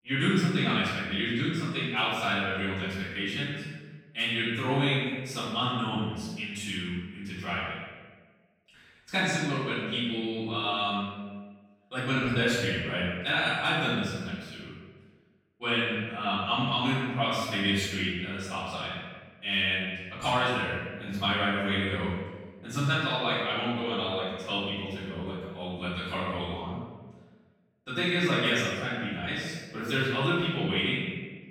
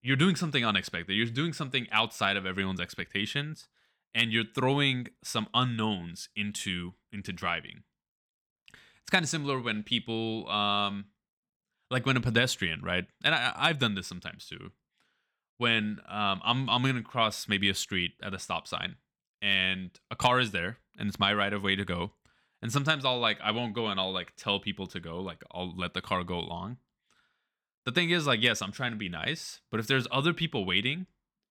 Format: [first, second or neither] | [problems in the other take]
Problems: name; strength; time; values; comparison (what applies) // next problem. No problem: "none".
second | off-mic speech; far // room echo; strong; dies away in 1.2 s